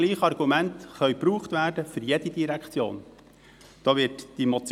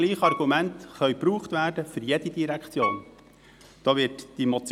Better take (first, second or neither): first